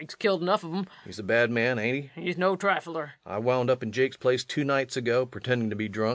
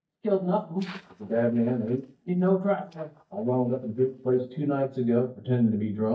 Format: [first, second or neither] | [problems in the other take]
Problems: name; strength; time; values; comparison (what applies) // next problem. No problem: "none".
first | noise reduction (neural mask model DeepFilterNet 3)